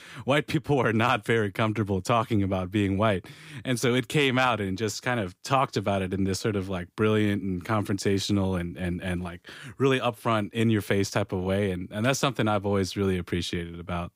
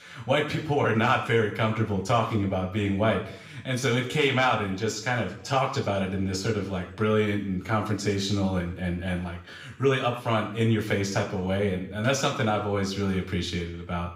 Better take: first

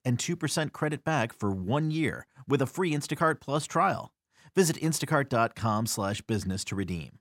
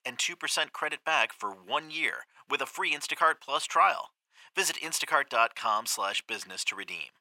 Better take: first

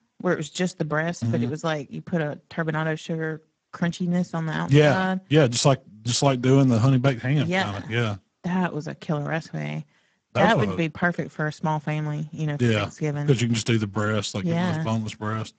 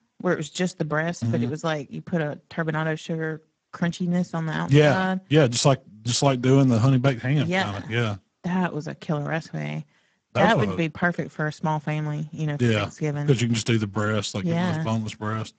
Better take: neither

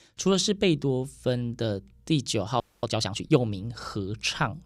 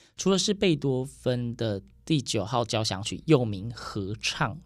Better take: second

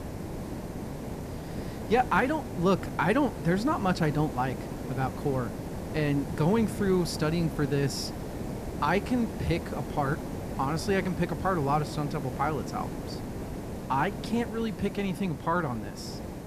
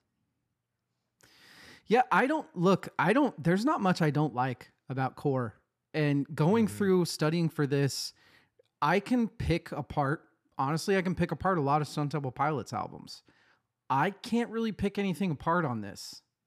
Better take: second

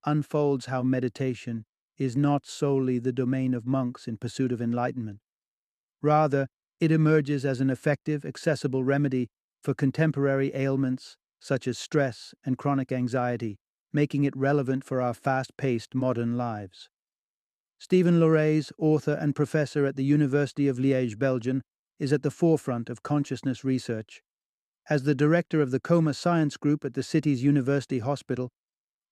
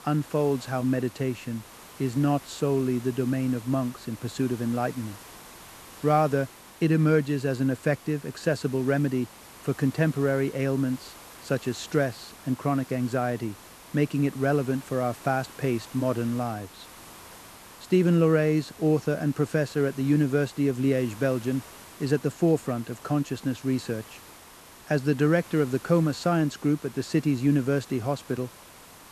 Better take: first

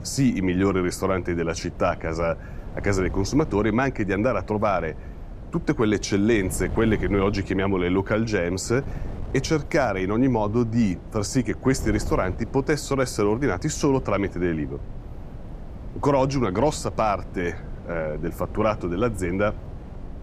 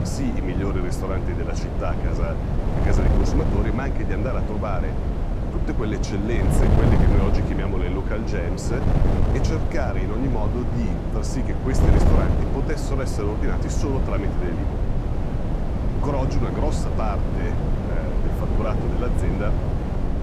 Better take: first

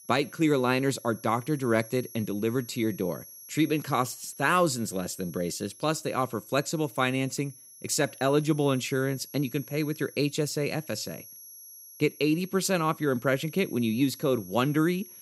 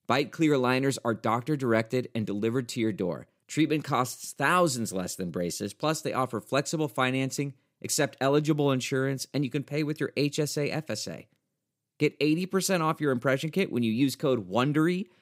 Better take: second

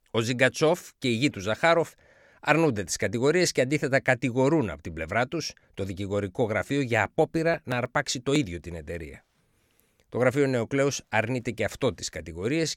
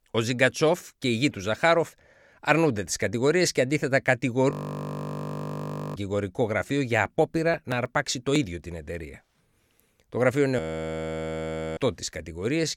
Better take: first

